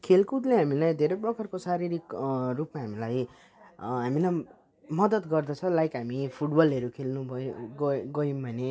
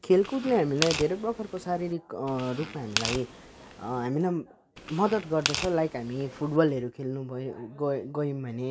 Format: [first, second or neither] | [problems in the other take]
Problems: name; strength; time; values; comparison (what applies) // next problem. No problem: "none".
first | background sound (Tearing); 8 dB below the speech